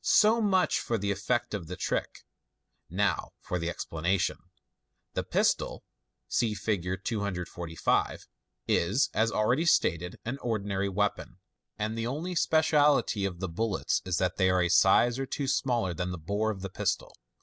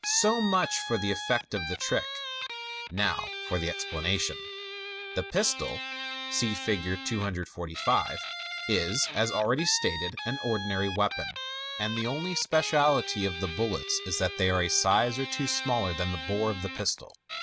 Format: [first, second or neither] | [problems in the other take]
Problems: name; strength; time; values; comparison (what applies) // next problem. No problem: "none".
first | background sound (Guitar); 7 dB below the speech